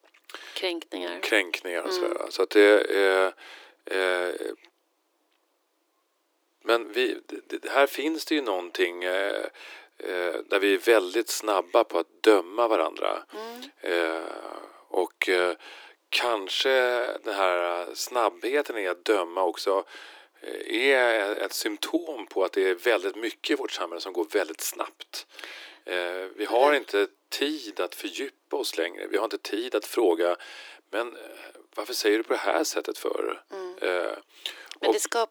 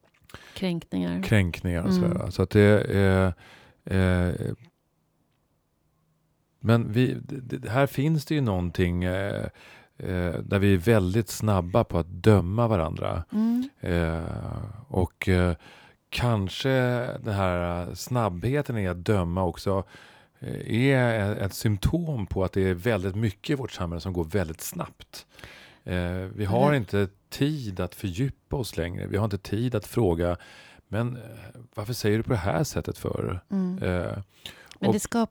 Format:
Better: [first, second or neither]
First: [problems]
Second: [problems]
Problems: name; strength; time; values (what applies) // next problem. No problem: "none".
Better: second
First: thin; very; fading below 300 Hz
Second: none